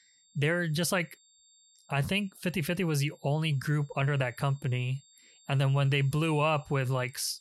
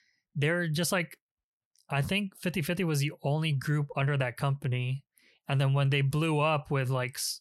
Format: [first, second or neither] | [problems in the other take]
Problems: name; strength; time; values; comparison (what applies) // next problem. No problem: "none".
second | high-pitched whine; faint; throughout; 7.5 kHz, 30 dB below the speech